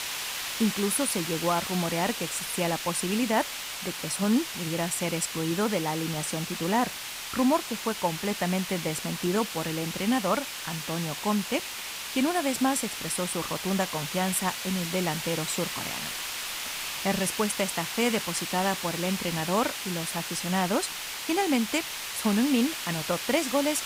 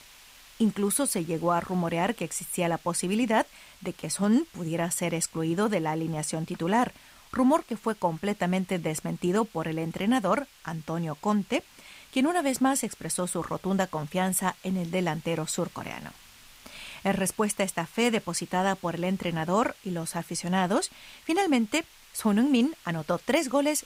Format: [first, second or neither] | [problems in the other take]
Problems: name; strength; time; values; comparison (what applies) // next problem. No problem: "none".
second | hiss; loud; throughout; 4 dB below the speech; faint in the second